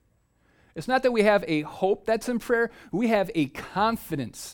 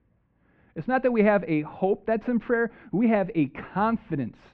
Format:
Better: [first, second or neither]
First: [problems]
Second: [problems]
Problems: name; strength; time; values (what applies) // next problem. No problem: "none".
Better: first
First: none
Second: muffled; very; fading above 2.5 kHz